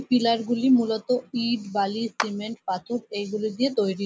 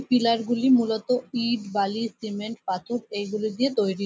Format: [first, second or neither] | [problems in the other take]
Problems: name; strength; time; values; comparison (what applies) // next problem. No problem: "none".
second | background sound (Clapping); 12 dB below the speech